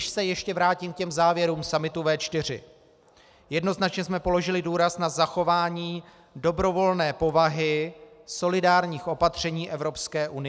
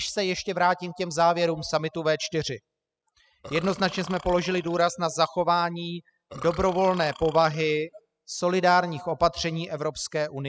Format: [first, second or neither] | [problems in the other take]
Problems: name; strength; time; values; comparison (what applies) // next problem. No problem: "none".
first | noise reduction (classical method spectral subtraction)